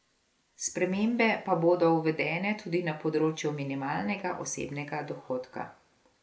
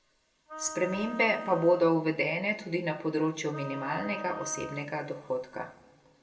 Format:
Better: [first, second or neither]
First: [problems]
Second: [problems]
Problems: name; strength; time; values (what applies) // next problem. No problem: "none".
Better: first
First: none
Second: background sound (Wind instrument, woodwind instrument); 13 dB below the speech // room echo; dies away in 0.8 s